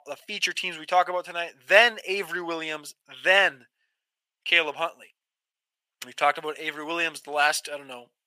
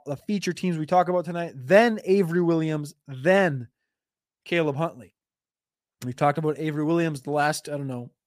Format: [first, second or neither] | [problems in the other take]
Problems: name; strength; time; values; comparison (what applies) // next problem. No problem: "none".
second | thin; very; fading below 800 Hz